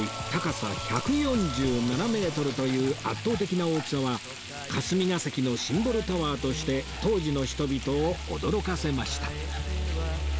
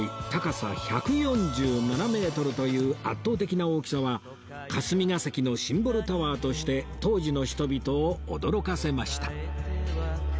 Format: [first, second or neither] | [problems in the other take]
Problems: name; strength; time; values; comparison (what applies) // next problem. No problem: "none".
second | background sound (Frying (food) + Frying (food)); 13 dB below the speech